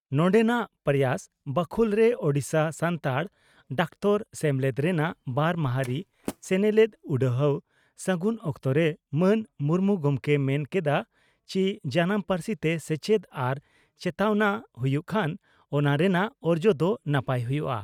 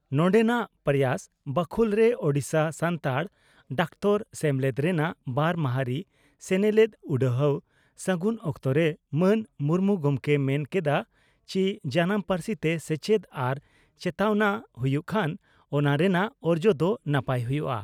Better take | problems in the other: second | noise reduction (neural mask model RNNoise)

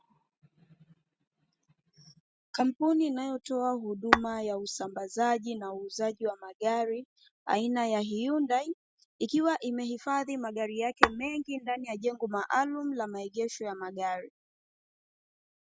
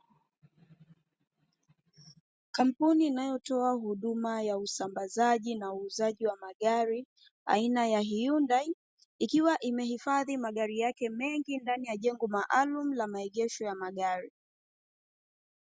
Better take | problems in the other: second | background sound (Tap / Glass); as loud as the speech

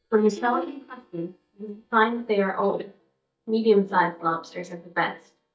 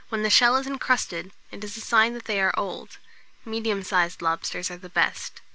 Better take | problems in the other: second | noise reduction (neural mask model DeepFilterNet 3)

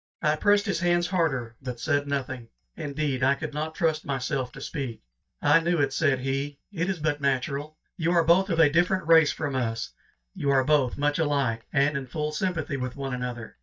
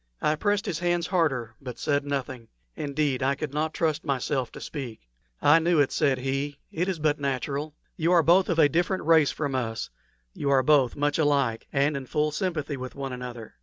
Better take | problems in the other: second | noise reduction (neural mask model DeepFilterNet 3)

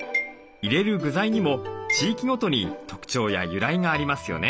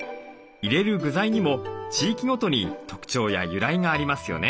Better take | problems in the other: second | background sound (Marimba, xylophone); 10 dB below the speech

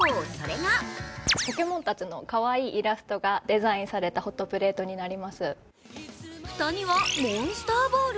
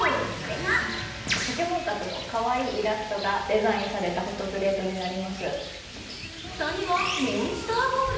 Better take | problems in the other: first | background sound (Rain); 12 dB below the speech // room echo; dies away in 0.9 s

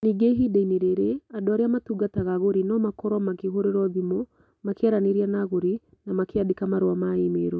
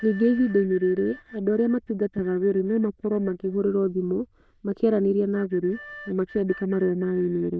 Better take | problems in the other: first | noise reduction (neural diffusion model UNIVERSE++)

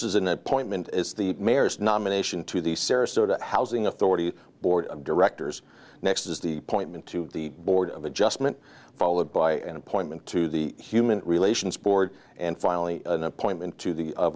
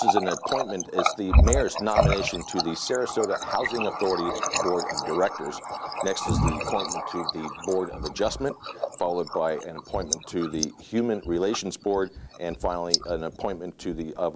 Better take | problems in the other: first | background sound (Water tap, faucet); as loud as the speech

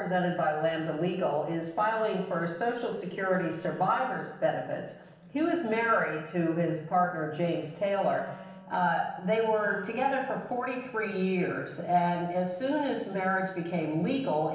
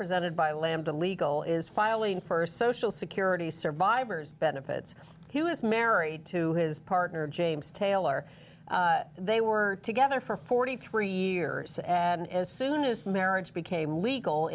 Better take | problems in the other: second | noise reduction (neural separator model SepFormer DNS4)

